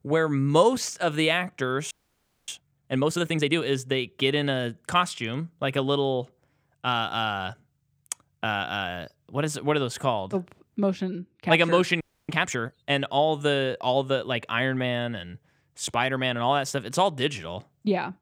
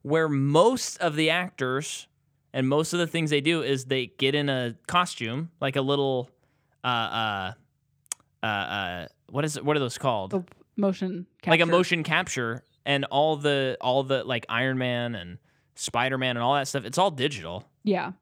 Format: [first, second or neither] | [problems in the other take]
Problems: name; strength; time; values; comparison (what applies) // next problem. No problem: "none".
second | audio freezing; at 2 s for 0.5 s and at 12 s